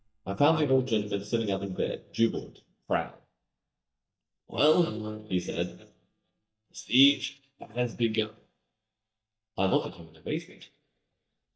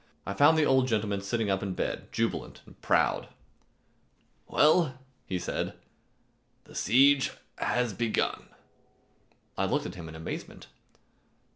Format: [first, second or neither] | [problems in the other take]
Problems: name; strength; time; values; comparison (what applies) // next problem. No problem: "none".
second | noise reduction (neural mask model DeepFilterNet 3)